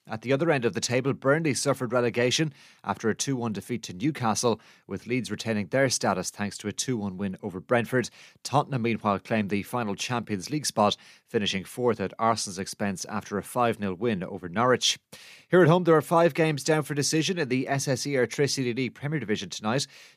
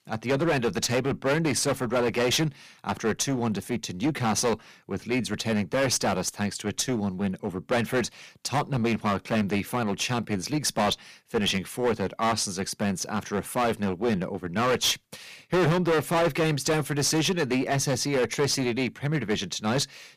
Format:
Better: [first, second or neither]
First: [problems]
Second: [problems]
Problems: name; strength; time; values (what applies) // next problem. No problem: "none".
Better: first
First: none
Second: distortion; heavy; 12% of the sound clipped